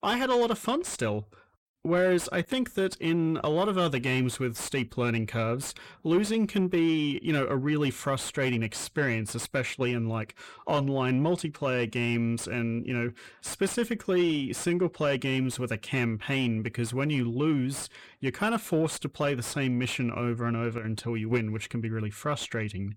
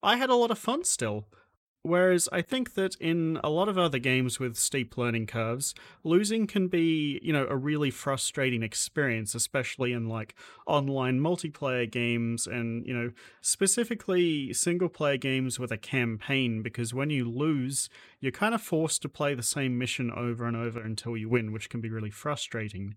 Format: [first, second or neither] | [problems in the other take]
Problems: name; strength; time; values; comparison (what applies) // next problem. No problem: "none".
second | distortion; slight; 10 dB below the speech